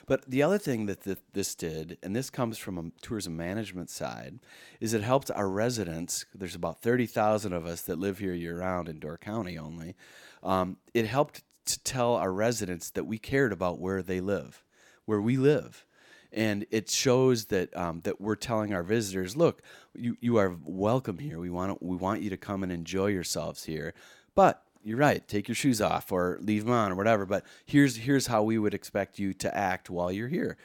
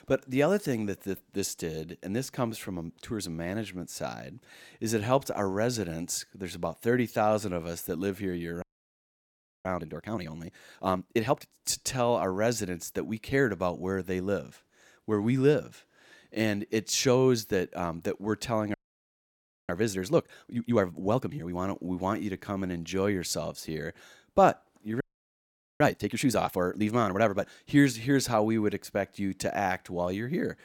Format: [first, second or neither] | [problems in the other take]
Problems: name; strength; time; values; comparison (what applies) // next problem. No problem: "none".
first | audio freezing; at 8.5 s for 1 s, at 19 s for 1 s and at 25 s for 1 s